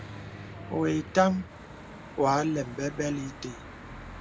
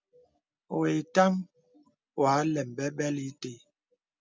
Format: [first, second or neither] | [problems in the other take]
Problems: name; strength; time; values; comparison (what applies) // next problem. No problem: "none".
second | background sound (Church bell / Traffic noise, roadway noise); 13 dB below the speech